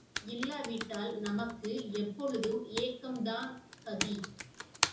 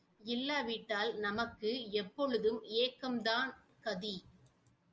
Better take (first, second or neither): second